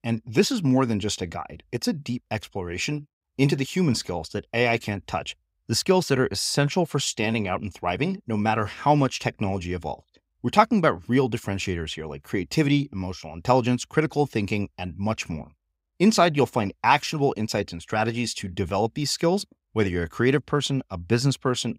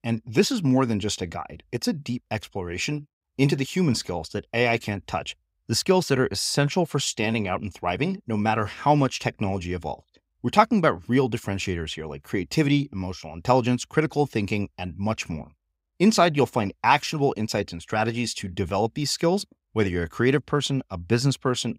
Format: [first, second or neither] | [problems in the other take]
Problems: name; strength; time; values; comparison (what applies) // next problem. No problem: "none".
neither | none